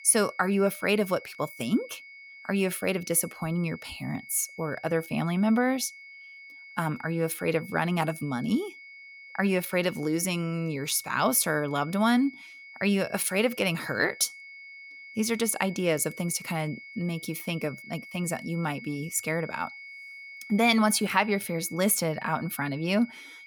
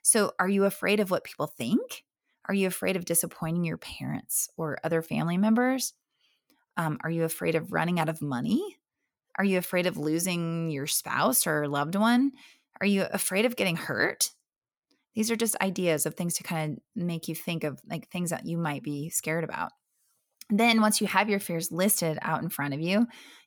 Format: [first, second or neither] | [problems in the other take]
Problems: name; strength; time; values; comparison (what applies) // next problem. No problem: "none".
second | high-pitched whine; noticeable; throughout; 2 kHz, 15 dB below the speech